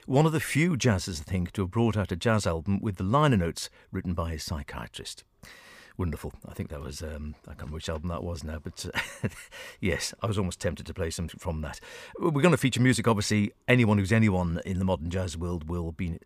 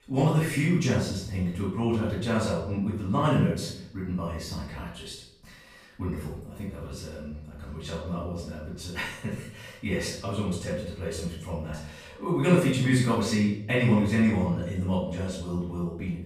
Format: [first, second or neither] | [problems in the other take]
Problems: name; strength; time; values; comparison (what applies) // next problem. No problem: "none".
first | off-mic speech; far // room echo; noticeable; dies away in 0.6 s